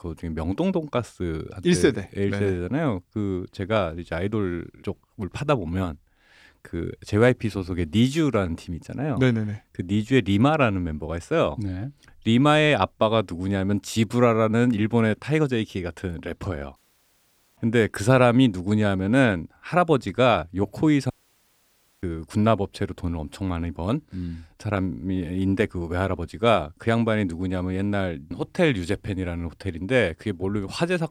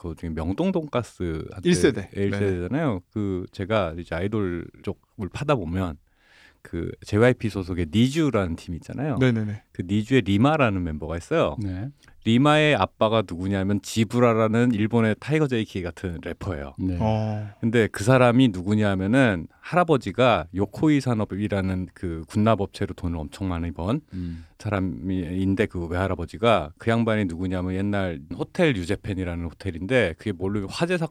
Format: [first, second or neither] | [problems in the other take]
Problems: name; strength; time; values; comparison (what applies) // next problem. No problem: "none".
second | audio cutting out; at 17 s for 1 s and at 21 s for 1 s